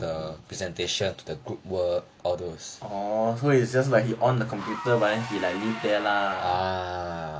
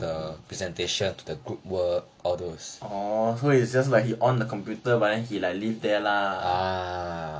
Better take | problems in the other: second | background sound (Engine / Car); 15 dB below the speech

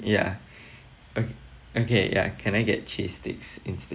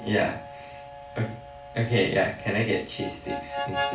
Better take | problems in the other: first | background sound (Harmonica); 8 dB below the speech // room echo; dies away in 0.4 s

